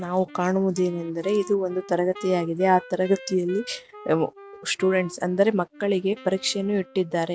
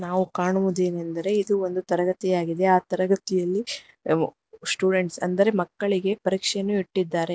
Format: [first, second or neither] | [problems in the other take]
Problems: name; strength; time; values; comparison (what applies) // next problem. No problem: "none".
second | background sound (Wind instrument, woodwind instrument); 20 dB below the speech